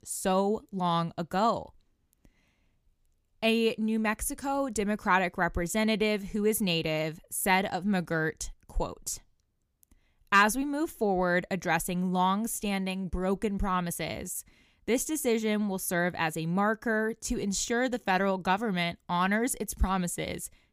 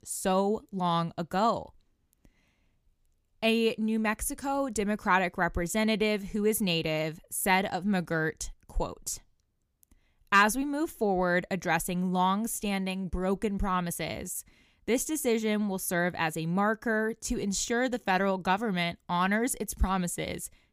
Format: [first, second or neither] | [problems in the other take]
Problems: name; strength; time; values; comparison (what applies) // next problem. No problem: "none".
neither | none